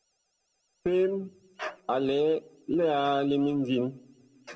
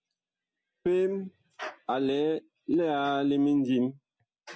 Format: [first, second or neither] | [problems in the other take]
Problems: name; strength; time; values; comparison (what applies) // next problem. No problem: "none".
second | noise reduction (neural separator model SepFormer DNS4)